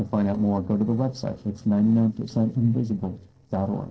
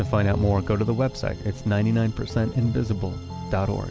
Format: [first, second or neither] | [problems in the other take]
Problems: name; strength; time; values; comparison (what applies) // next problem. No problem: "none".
second | noise reduction (neural separator model SepFormer DNS4)